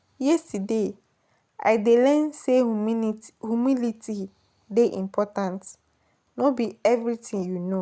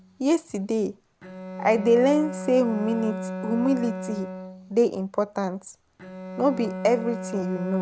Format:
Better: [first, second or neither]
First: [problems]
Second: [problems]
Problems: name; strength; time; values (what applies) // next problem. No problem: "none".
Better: first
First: none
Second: background sound (Bowed string instrument); 10 dB below the speech